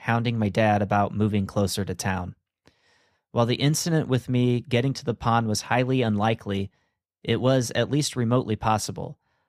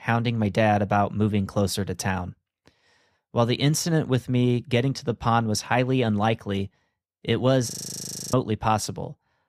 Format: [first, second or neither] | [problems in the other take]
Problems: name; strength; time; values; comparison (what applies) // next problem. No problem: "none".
first | audio freezing; at 7.5 s for 0.5 s